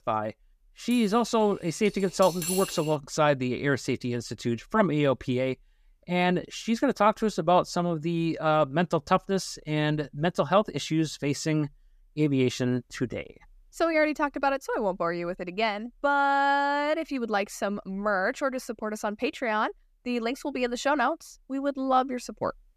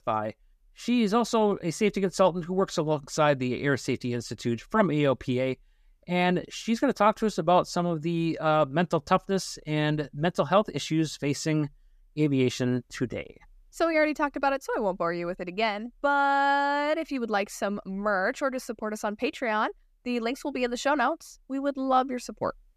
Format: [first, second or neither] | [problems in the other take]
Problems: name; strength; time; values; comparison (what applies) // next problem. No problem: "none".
second | clattering dishes; noticeable; from 1 to 3 s; peak 4 dB below the speech